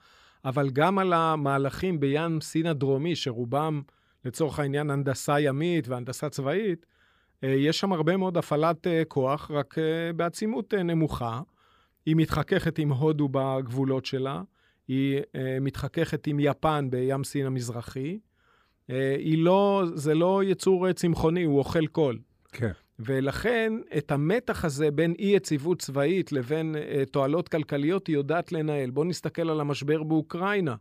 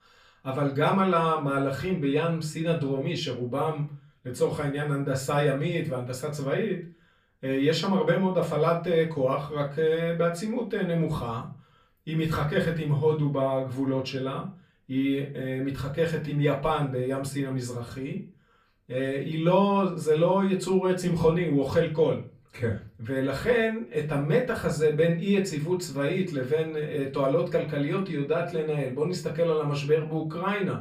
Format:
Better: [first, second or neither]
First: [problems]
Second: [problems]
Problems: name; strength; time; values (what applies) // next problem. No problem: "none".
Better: first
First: none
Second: off-mic speech; far // room echo; very slight; dies away in 0.3 s